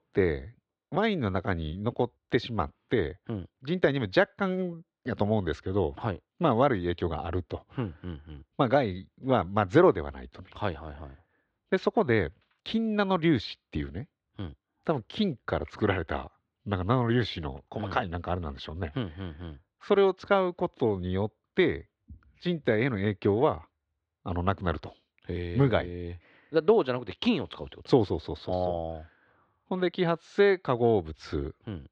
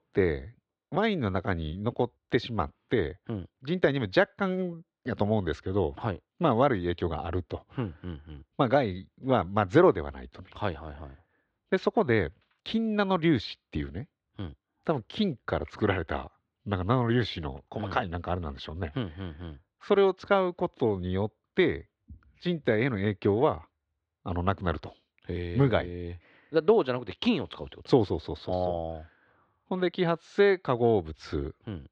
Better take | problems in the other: neither | muffled; slightly; fading above 3.5 kHz; the same in both

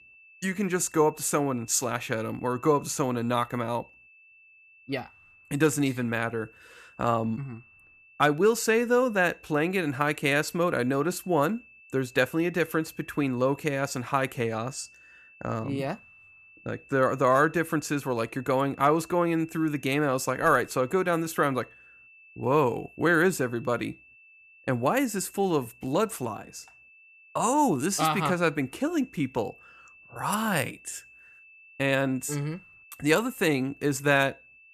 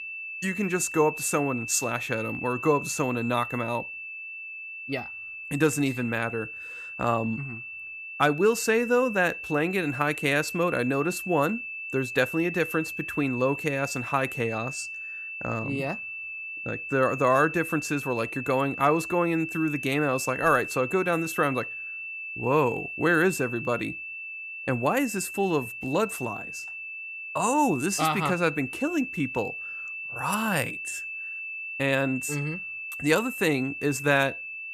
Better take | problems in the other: first | high-pitched whine; loud; throughout; 2.5 kHz, 8 dB below the speech; faint in the first

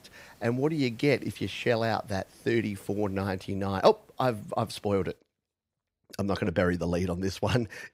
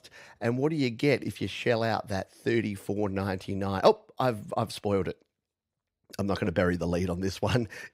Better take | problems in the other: second | hiss; very faint; until 5 s; 30 dB below the speech

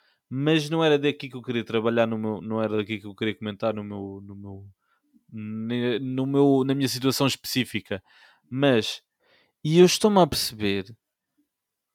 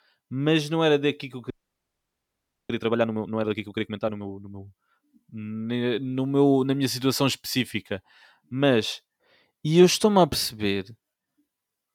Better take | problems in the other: first | audio freezing; at 1.5 s for 1 s

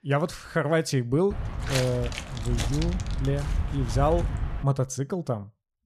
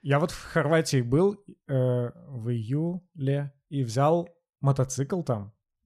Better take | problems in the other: second | footsteps; noticeable; from 1.5 to 4.5 s; peak 1 dB below the speech

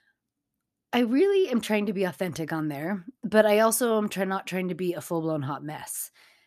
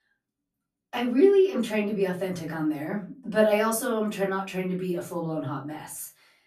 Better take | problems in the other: first | off-mic speech; far // room echo; very slight; dies away in 0.3 s

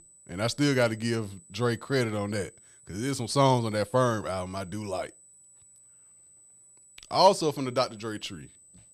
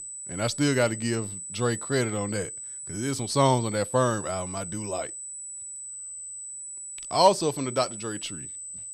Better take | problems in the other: first | high-pitched whine; loud; throughout; 8 kHz, 9 dB below the speech; faint in the first

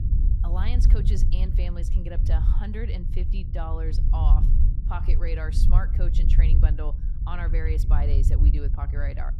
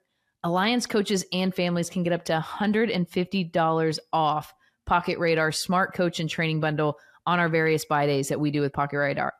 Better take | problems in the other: second | low rumble; loud; throughout; 5 dB below the speech

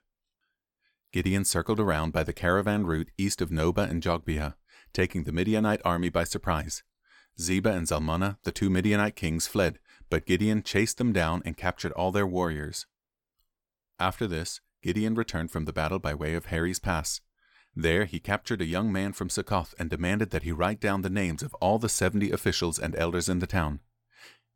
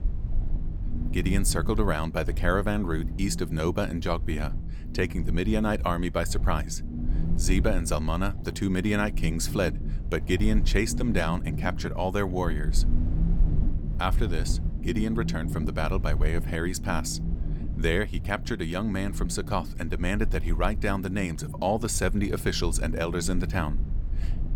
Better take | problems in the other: first | low rumble; noticeable; throughout; 15 dB below the speech

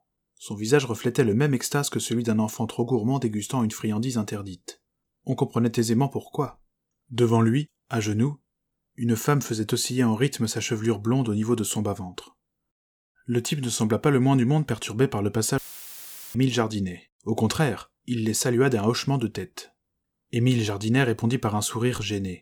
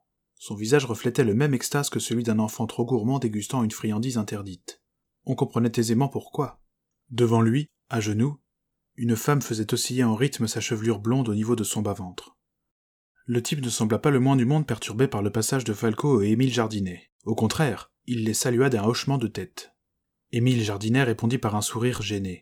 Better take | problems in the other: second | audio cutting out; filled with static; at 16 s for 1 s

